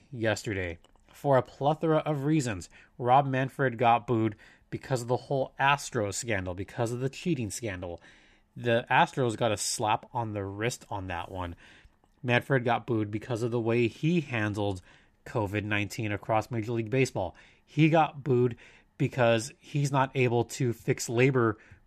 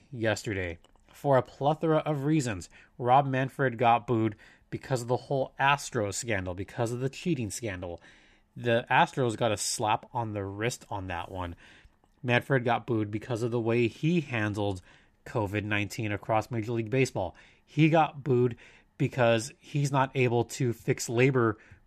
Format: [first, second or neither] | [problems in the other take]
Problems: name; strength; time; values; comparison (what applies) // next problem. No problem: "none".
neither | none